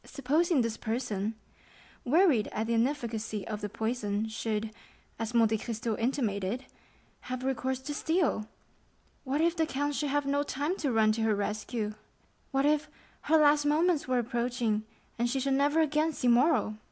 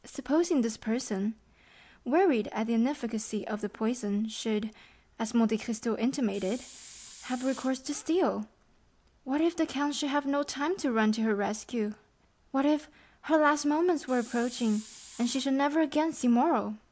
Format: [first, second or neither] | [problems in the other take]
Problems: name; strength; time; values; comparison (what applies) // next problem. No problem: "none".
first | background sound (Hiss); 19 dB below the speech